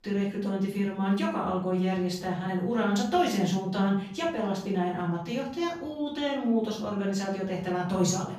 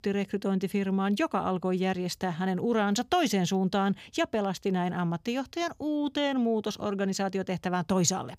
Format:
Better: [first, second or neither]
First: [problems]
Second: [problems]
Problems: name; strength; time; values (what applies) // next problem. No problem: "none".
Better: second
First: off-mic speech; far // room echo; noticeable; dies away in 0.5 s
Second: none